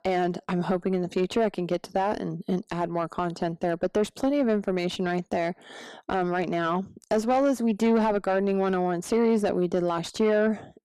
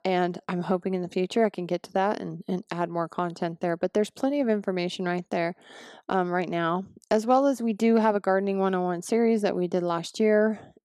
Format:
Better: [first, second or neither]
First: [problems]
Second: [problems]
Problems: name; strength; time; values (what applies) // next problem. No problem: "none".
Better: second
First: distortion; slight; 10 dB below the speech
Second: none